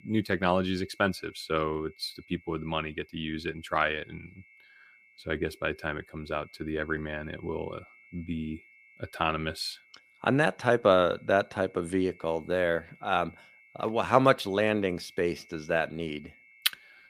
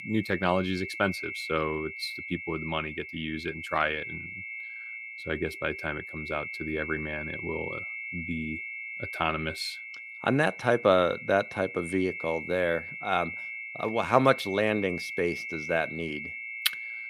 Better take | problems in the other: first | high-pitched whine; loud; throughout; 2 kHz, 7 dB below the speech; faint in the first

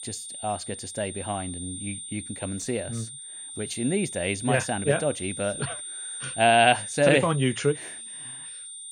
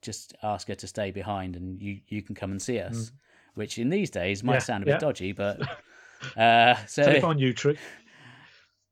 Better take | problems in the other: second | high-pitched whine; loud; throughout; 9 kHz, 9 dB below the speech

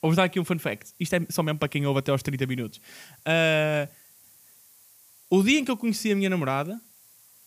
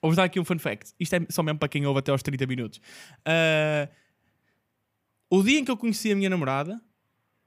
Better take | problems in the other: second | hiss; faint; throughout; 25 dB below the speech

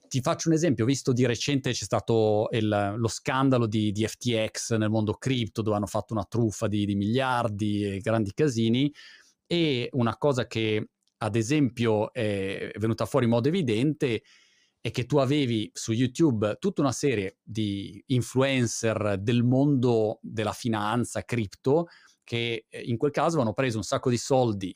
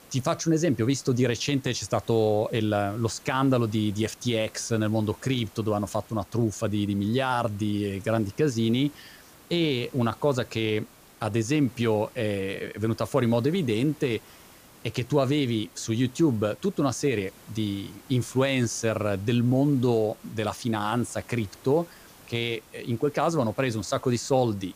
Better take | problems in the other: first | hiss; faint; throughout; 25 dB below the speech

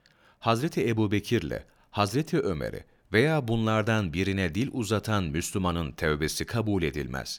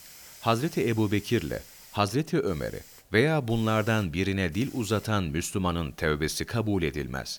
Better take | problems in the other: first | hiss; faint; throughout; 20 dB below the speech

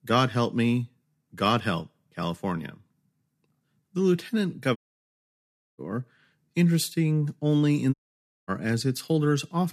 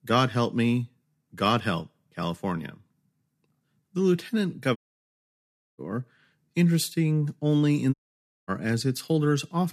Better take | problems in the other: neither | audio cutting out; at 5 s for 1 s and at 8 s for 0.5 s; the same in both

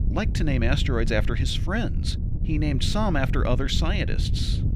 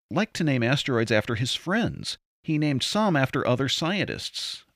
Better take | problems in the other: second | wind noise on the microphone; occasional gusts; 10 dB below the speech

